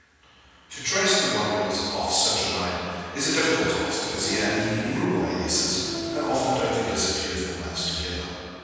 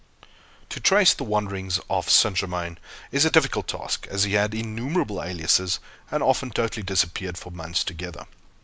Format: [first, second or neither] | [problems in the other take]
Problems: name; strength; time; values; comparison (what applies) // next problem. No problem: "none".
second | background sound (Train); 7 dB below the speech // room echo; dies away in 2.1 s